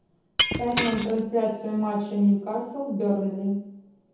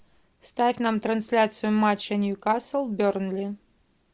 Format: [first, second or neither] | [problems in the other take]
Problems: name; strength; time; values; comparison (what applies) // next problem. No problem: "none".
second | background sound (Shatter); 5 dB below the speech // room echo; dies away in 0.9 s